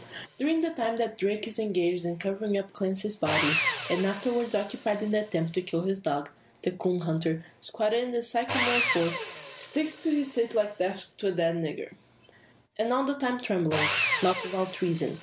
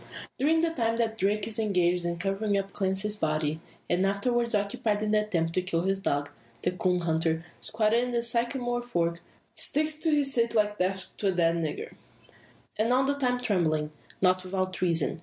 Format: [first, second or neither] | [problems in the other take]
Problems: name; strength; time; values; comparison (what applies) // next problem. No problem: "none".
second | background sound (Sawing); 7 dB below the speech